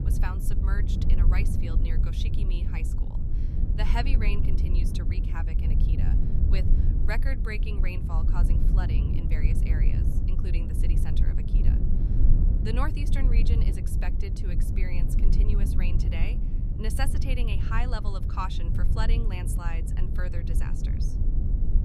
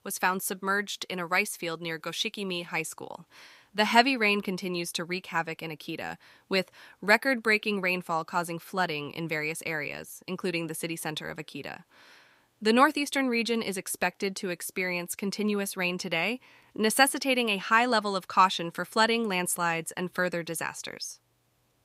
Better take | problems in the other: second | low rumble; loud; throughout; 4 dB below the speech

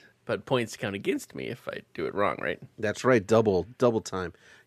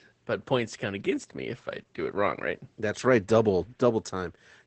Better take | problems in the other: first | garbled, watery; badly; nothing above 8 kHz

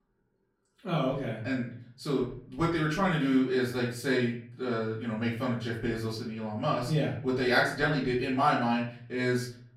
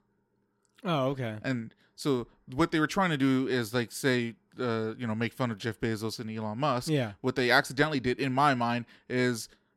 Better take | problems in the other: second | off-mic speech; far // room echo; slight; dies away in 0.5 s

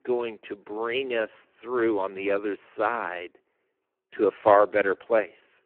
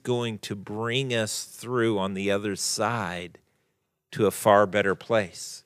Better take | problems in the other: second | phone-call audio; poor line

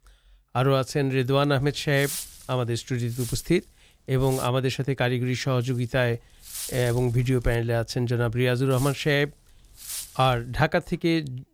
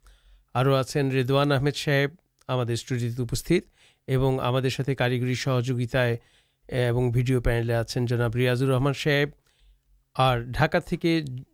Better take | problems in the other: second | wind noise on the microphone; occasional gusts; from 1.5 to 4.5 s, from 5.5 to 7.5 s and from 8.5 to 11 s; 15 dB below the speech

